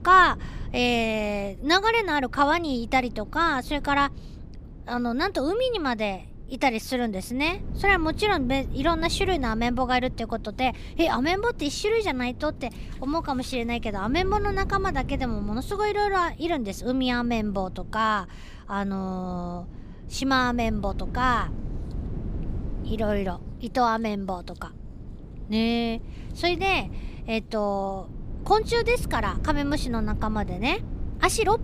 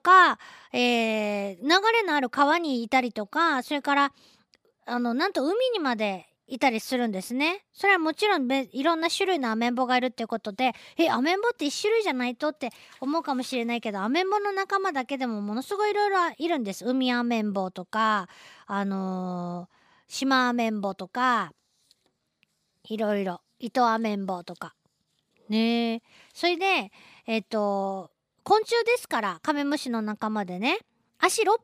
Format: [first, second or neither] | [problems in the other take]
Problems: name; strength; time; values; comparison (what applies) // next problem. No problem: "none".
second | low rumble; faint; throughout; 20 dB below the speech